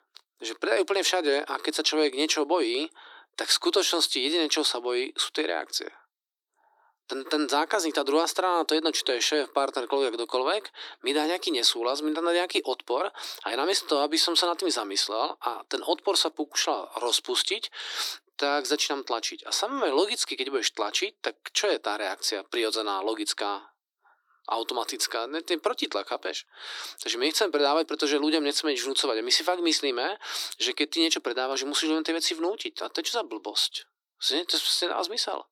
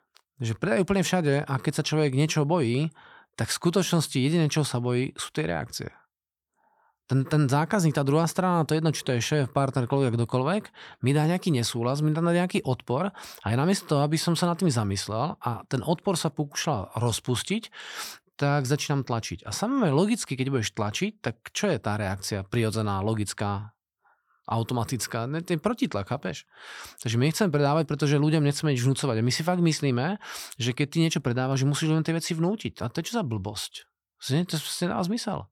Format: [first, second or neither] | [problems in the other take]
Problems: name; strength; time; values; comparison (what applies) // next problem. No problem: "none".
second | thin; very; fading below 300 Hz